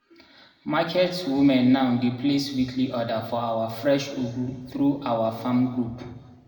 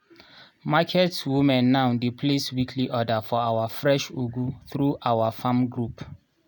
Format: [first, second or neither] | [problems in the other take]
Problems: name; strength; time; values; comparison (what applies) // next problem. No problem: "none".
second | room echo; dies away in 1.7 s